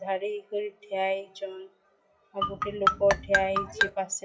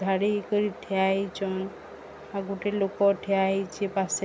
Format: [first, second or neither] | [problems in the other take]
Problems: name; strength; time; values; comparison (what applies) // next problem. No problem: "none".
second | noise reduction (classical method WPE with log-MMSE)